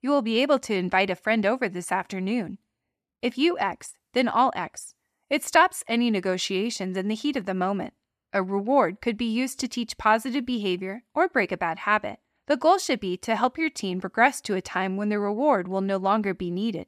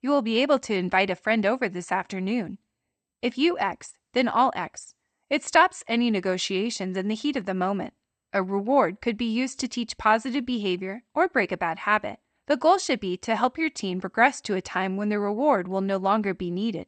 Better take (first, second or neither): first